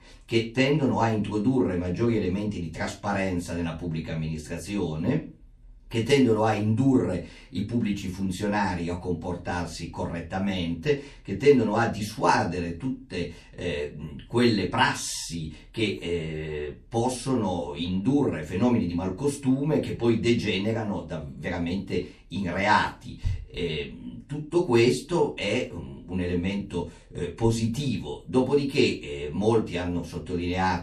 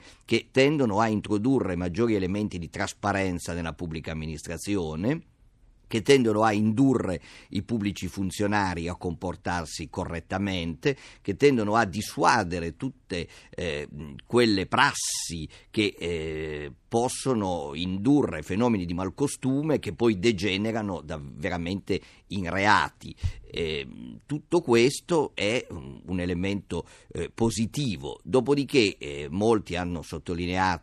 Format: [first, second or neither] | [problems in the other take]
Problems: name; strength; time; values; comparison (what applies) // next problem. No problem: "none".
second | off-mic speech; far // room echo; very slight; dies away in 0.3 s